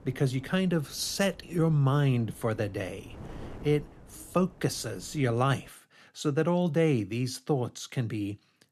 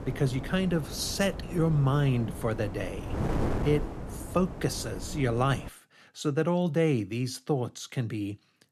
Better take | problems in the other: first | wind noise on the microphone; heavy; until 5.5 s; 9 dB below the speech; occasional gusts in the first

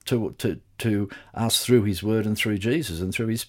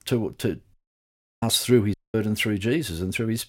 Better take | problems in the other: first | audio cutting out; at 0.5 s for 0.5 s and at 2 s

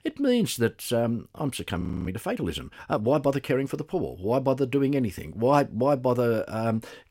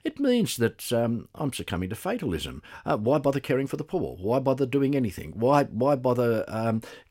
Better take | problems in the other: second | audio freezing; at 2 s

